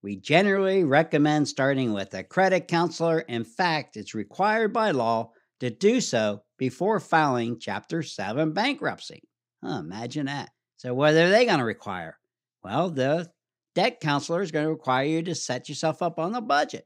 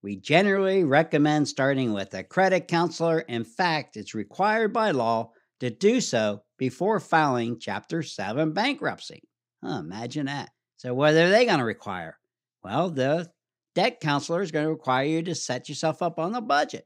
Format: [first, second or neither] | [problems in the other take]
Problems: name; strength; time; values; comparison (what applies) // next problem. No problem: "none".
neither | none